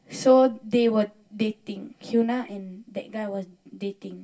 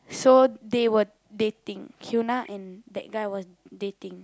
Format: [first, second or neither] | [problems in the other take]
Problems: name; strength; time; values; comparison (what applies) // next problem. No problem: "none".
second | room echo; dies away in 0.2 s